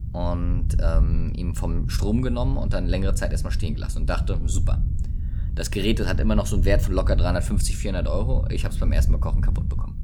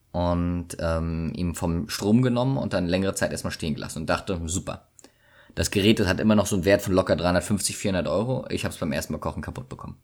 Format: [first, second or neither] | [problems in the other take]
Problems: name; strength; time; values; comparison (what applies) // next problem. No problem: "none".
second | low rumble; noticeable; throughout; 10 dB below the speech